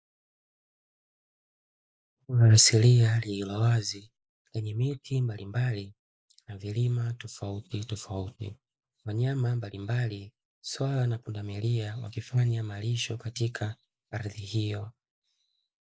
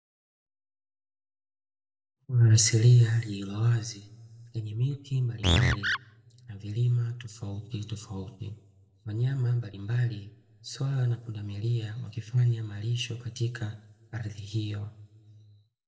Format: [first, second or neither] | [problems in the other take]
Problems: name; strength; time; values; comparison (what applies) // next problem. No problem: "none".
first | background sound (Animal); 2 dB above the speech // room echo; dies away in 1.7 s